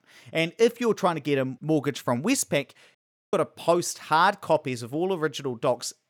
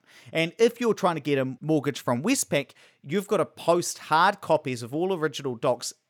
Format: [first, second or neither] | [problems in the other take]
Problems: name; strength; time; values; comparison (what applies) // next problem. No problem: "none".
second | audio cutting out; at 3 s